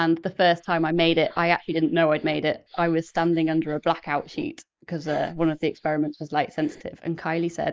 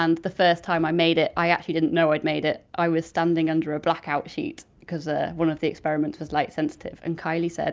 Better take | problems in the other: second | noise reduction (neural mask model Resemble Enhance denoiser)

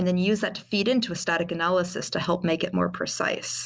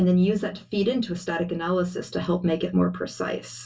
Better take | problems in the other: first | room echo; dies away in 0.1 s

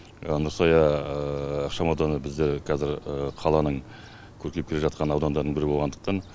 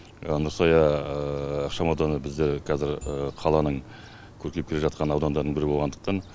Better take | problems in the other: first | background sound (Marimba, xylophone / Wood); 13 dB below the speech

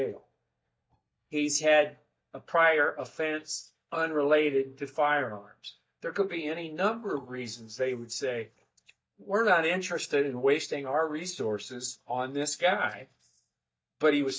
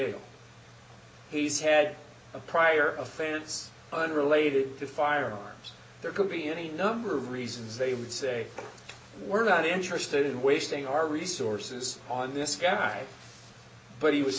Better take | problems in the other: second | noise reduction (neural mask model DeepFilterNet 3)

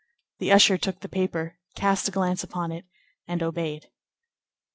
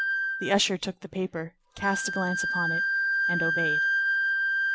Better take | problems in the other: first | background sound (Wind instrument, woodwind instrument); 4 dB above the speech

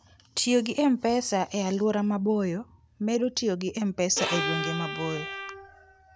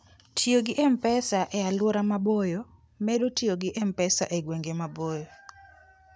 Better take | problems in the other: second | background sound (Bowed string instrument); 5 dB below the speech

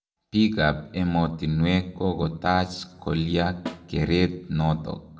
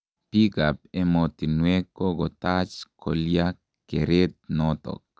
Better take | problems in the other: second | background sound (Snare drum); 16 dB below the speech // room echo; dies away in 0.5 s

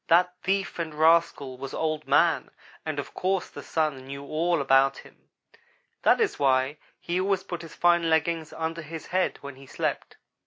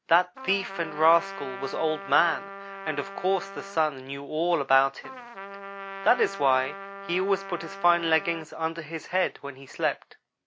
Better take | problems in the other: first | background sound (Trumpet); 12 dB below the speech

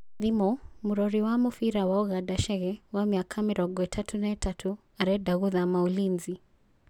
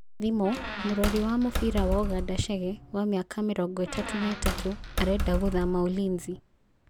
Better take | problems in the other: first | background sound (Squeak); 3 dB below the speech

